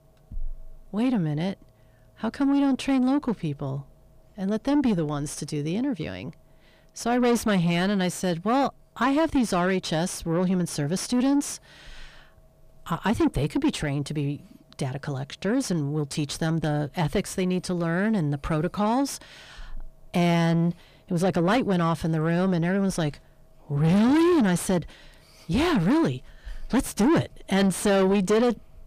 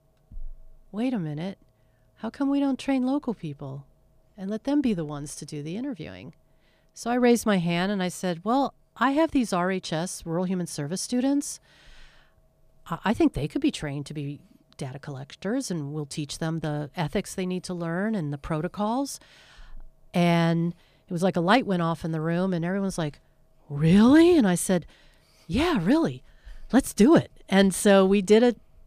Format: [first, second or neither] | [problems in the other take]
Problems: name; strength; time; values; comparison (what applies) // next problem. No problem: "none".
second | distortion; heavy; 7 dB below the speech